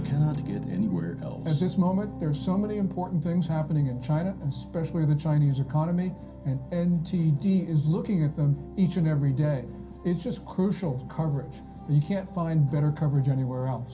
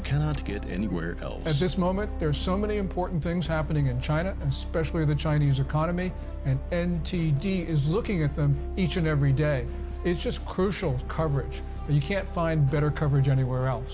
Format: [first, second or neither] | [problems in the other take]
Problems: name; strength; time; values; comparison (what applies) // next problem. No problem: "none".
second | background sound (Guitar); 17 dB below the speech // room echo; dies away in 0.3 s